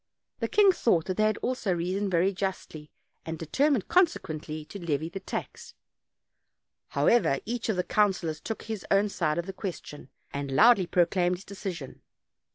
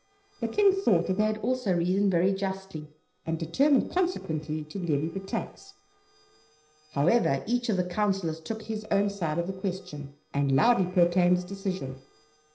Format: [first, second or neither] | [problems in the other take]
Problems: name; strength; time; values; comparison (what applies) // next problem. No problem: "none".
first | noise reduction (neural separator model SepFormer DNS4)